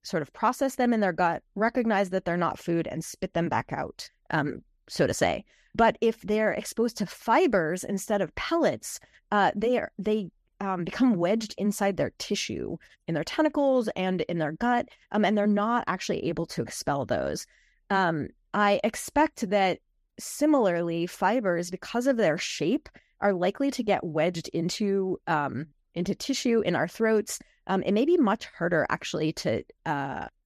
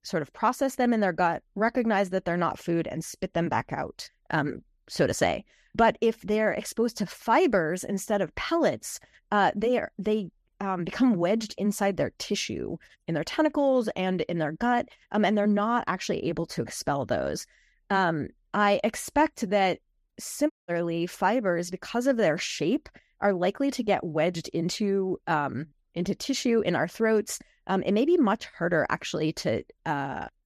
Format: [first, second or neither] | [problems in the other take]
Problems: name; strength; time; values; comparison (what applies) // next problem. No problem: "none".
first | audio cutting out; at 21 s